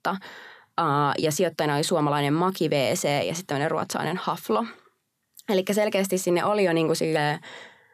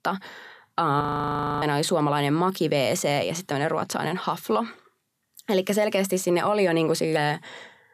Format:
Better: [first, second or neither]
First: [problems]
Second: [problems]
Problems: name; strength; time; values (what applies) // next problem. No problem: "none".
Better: first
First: none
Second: audio freezing; at 1 s for 0.5 s